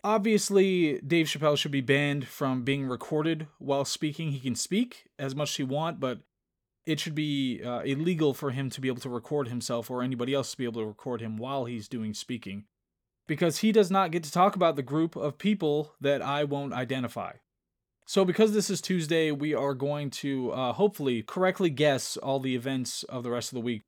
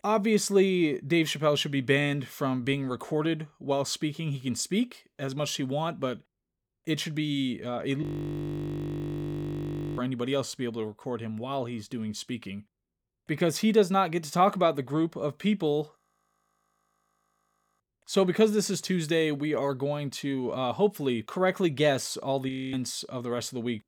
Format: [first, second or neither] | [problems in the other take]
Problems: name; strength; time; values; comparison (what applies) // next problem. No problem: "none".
first | audio freezing; at 8 s for 2 s, at 16 s for 2 s and at 22 s